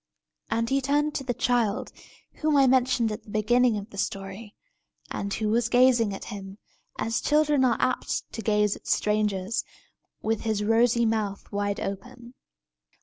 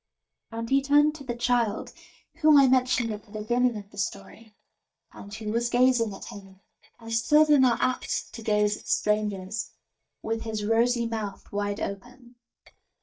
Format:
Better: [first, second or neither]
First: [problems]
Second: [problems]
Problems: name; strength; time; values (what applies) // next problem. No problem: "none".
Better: first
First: none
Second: noise reduction (neural mask model DeepFilterNet 3)